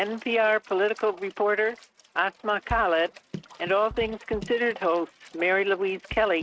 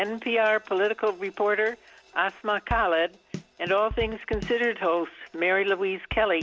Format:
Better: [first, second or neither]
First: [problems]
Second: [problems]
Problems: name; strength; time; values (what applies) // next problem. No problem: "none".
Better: second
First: noise reduction (neural mask model RNNoise)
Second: none